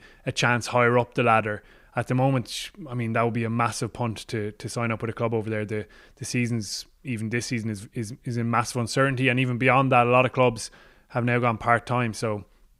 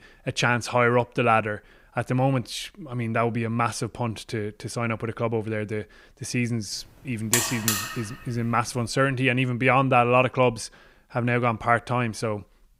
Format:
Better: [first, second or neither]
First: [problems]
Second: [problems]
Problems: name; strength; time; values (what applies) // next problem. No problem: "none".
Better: first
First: none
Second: alarm; loud; at 7.5 s; peak 3 dB above the speech